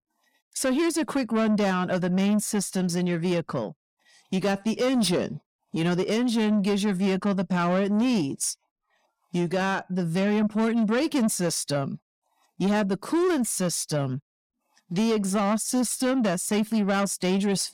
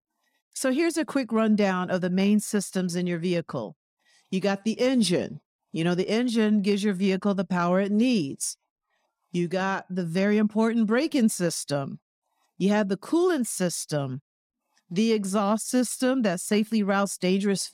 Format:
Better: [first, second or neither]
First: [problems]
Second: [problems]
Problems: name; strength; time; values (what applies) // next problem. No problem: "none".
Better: second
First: distortion; slight; 10 dB below the speech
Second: none